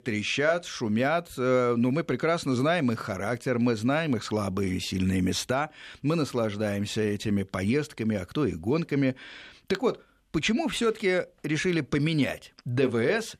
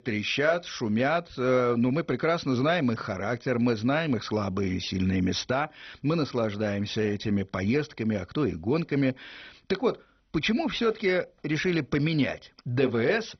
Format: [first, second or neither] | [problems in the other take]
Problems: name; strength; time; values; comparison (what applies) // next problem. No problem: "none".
first | garbled, watery; badly; nothing above 6 kHz